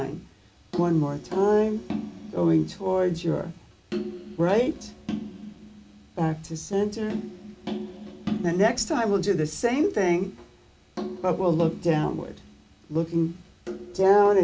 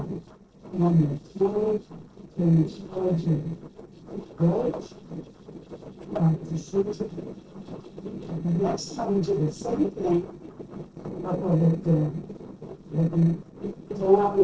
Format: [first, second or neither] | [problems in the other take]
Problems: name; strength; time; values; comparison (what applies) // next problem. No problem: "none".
first | noise reduction (neural separator model SepFormer DNS4)